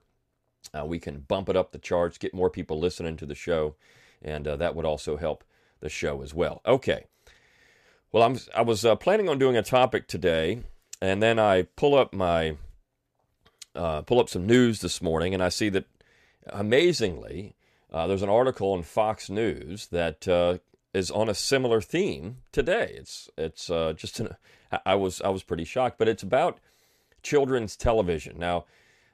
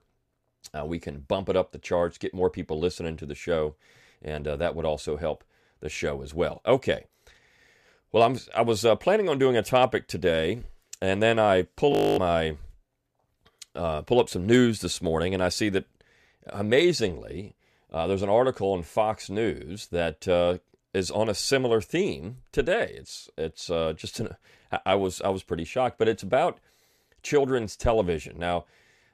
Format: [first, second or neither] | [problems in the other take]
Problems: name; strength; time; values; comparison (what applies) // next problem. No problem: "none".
first | audio freezing; at 12 s